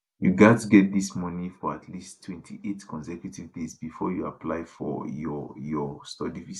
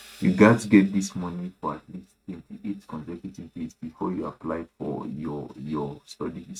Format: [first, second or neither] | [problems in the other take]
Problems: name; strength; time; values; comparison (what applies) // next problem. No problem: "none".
first | noise reduction (neural mask model RNNoise)